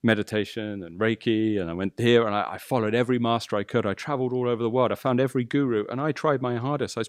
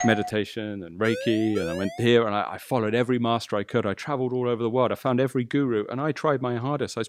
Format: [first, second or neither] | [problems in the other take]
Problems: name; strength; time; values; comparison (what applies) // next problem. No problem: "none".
first | doorbell; noticeable; at the start; peak 5 dB below the speech // siren; noticeable; from 1 to 2 s; peak 8 dB below the speech